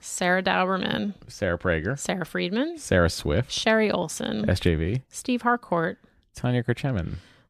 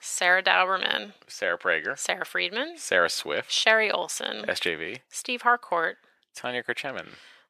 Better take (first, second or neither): first